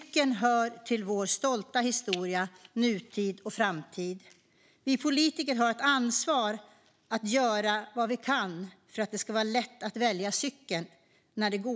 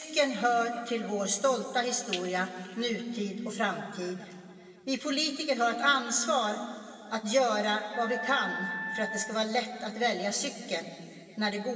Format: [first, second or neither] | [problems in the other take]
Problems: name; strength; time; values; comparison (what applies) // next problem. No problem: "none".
first | background sound (Wind instrument, woodwind instrument); 8 dB below the speech // room echo; dies away in 2.7 s